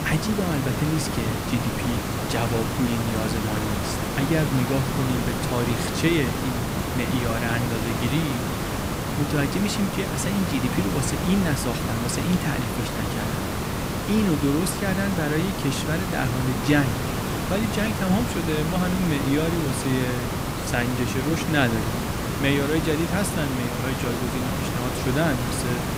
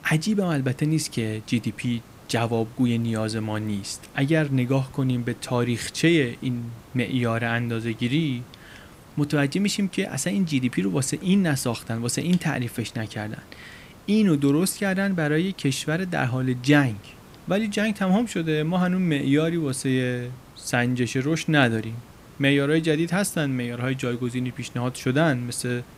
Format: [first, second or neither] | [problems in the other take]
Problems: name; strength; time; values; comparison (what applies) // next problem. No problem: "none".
second | hiss; loud; throughout; 1 dB below the speech; faint in the second